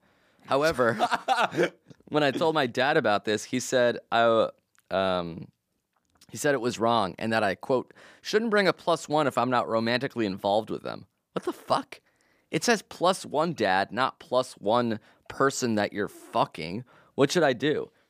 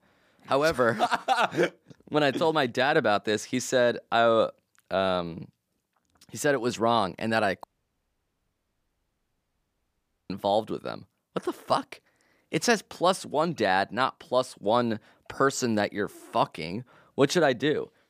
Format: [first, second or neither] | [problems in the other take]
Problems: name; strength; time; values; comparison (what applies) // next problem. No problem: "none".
first | audio cutting out; at 7.5 s for 2.5 s